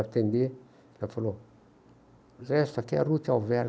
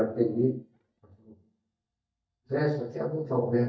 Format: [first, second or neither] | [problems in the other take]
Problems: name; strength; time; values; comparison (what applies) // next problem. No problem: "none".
first | noise reduction (neural mask model DeepFilterNet 3)